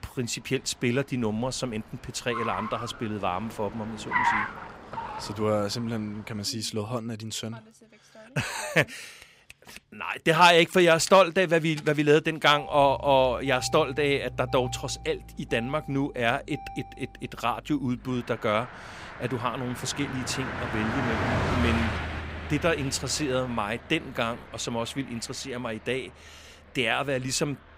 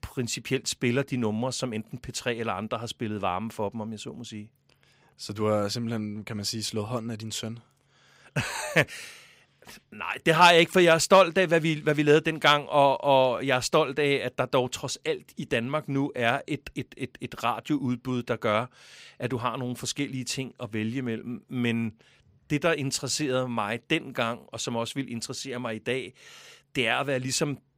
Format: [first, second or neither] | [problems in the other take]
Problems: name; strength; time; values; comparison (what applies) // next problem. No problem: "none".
second | traffic noise; loud; throughout; 8 dB below the speech